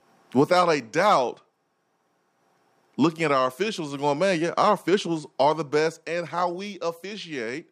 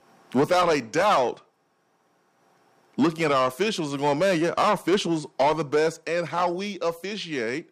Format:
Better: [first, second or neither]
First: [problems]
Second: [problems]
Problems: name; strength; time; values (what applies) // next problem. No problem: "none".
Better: first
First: none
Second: distortion; slight; 10 dB below the speech